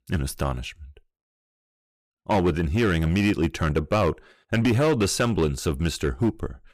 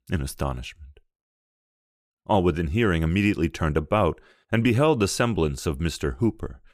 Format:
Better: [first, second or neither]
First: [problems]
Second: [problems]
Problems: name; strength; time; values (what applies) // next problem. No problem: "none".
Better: second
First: distortion; slight; 6% of the sound clipped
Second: none